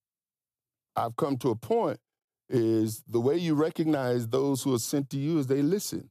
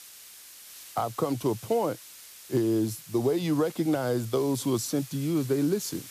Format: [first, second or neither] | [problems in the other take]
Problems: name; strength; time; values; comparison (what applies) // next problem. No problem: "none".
first | hiss; noticeable; throughout; 15 dB below the speech